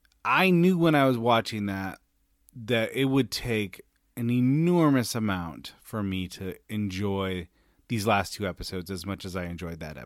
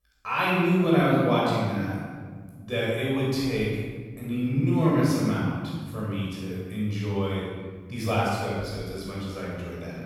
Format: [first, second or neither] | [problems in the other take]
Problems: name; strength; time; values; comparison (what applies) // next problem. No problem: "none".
first | off-mic speech; far // room echo; strong; dies away in 1.7 s